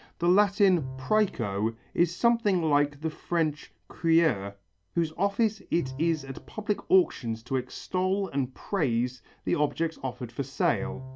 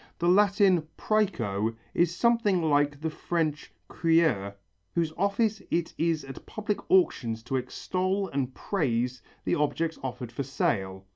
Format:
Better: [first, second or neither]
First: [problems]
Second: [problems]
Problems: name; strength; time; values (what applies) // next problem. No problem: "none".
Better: second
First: background sound (Bowed string instrument); 18 dB below the speech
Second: none